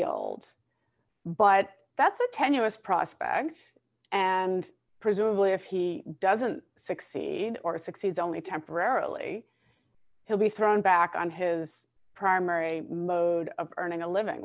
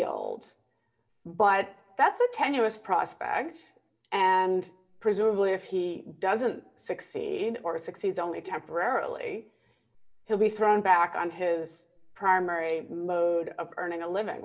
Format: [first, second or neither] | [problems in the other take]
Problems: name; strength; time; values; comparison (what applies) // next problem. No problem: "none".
first | room echo; dies away in 0.3 s